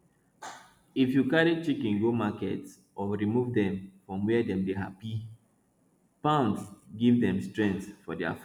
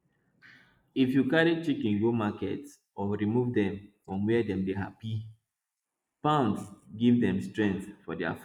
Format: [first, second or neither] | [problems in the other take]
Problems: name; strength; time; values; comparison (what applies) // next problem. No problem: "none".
first | noise reduction (neural mask model Resemble Enhance denoiser)